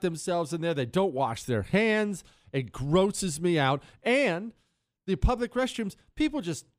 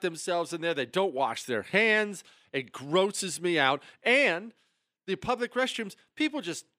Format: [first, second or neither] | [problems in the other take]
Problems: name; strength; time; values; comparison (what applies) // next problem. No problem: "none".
first | thin; very slightly; fading below 250 Hz